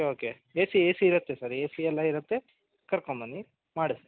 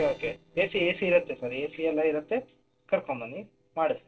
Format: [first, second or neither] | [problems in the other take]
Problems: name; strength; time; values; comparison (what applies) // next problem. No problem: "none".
first | noise reduction (neural separator model SepFormer DNS4)